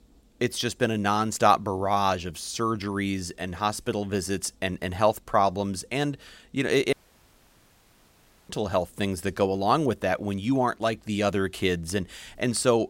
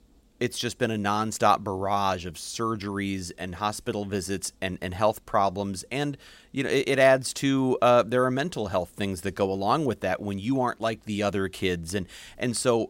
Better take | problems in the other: second | audio cutting out; at 7 s for 1.5 s

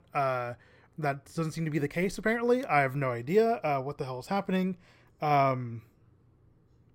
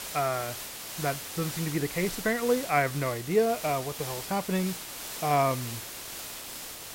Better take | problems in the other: first | hiss; loud; throughout; 8 dB below the speech

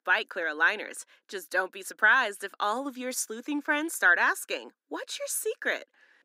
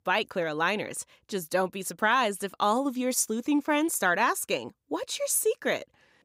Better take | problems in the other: second | thin; somewhat; fading below 250 Hz

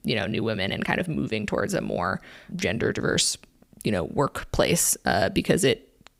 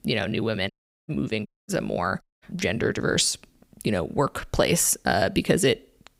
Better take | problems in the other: first | audio cutting out; at 0.5 s, at 1.5 s and at 2 s

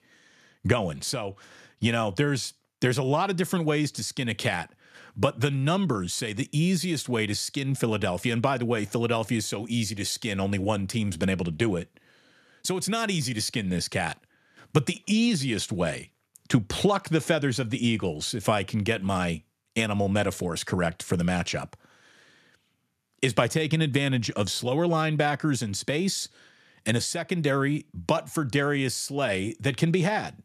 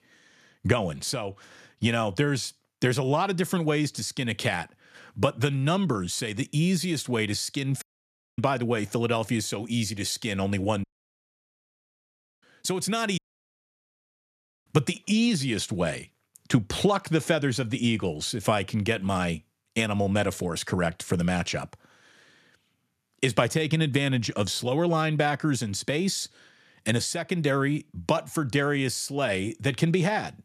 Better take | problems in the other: first | audio cutting out; at 8 s for 0.5 s, at 11 s for 1.5 s and at 13 s for 1.5 s

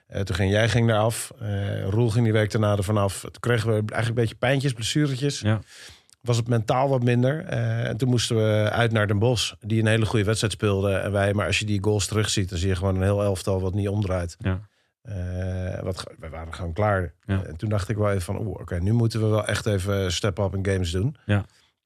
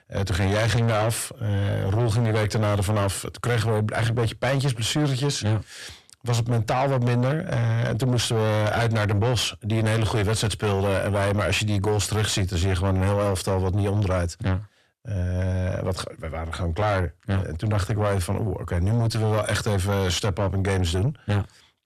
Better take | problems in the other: first | distortion; heavy; 6 dB below the speech

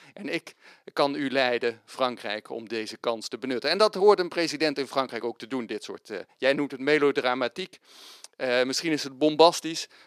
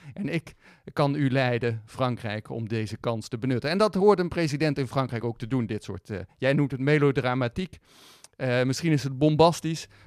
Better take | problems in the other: second | thin; somewhat; fading below 300 Hz

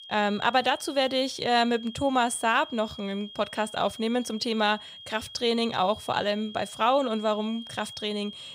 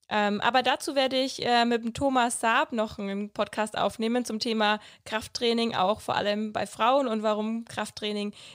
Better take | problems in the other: second | high-pitched whine; noticeable; throughout; 3 kHz, 15 dB below the speech

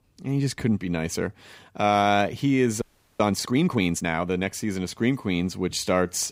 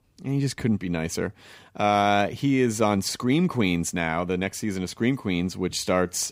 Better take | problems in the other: second | audio freezing; at 3 s

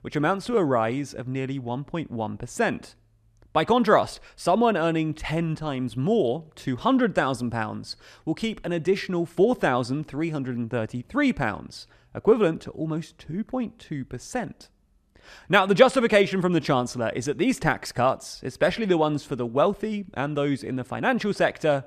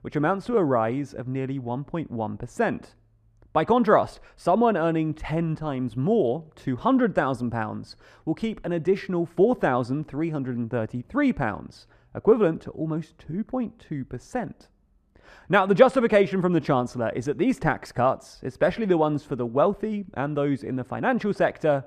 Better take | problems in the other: first | muffled; slightly; fading above 2 kHz

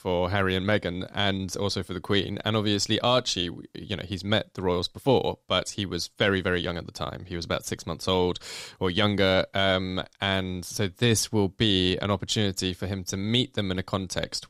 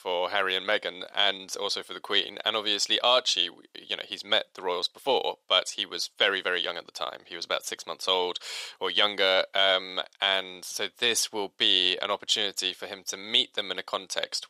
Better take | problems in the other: first | thin; very; fading below 650 Hz

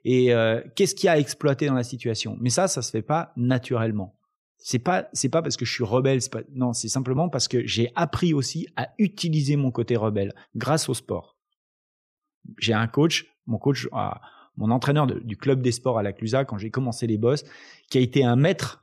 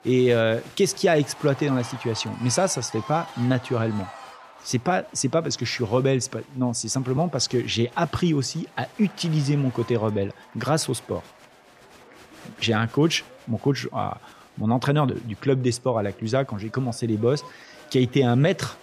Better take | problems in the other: first | crowd noise; faint; throughout; 20 dB below the speech

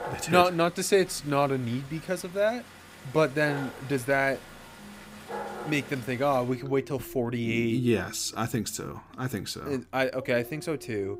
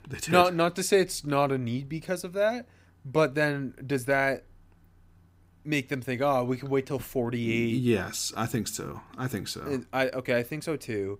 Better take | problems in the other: second | animal sounds; noticeable; throughout; 15 dB below the speech

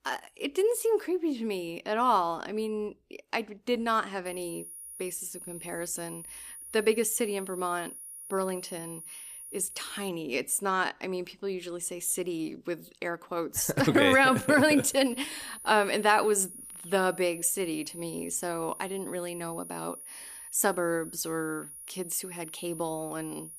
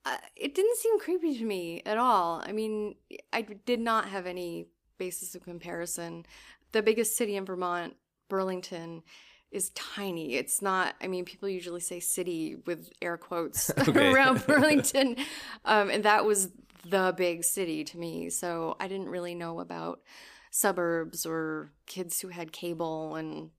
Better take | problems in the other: second | high-pitched whine; noticeable; from 4.5 to 10 s and from 14 s on; 10.5 kHz, 15 dB below the speech

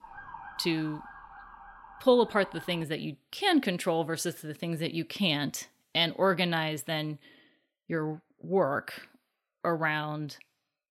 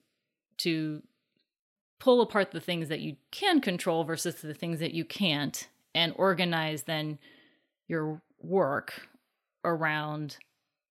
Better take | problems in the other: second | siren; faint; until 3 s; peak 15 dB below the speech

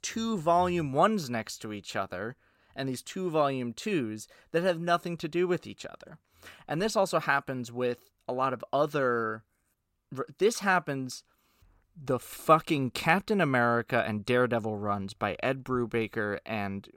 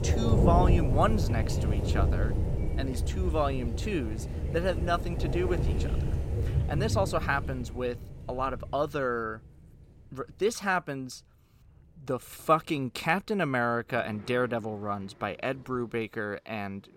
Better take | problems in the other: first | rain or running water; very loud; throughout; 1 dB above the speech

